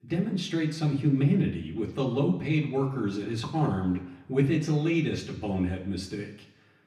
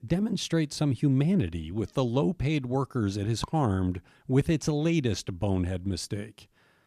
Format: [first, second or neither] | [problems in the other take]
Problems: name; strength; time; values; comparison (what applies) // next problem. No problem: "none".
second | room echo; slight; dies away in 1 s // off-mic speech; far